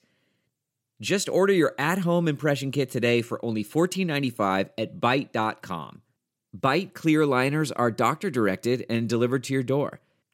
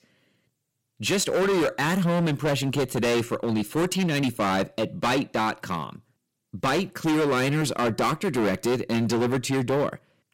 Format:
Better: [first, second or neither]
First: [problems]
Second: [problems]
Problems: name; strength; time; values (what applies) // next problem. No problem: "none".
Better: first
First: none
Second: distortion; heavy; 19% of the sound clipped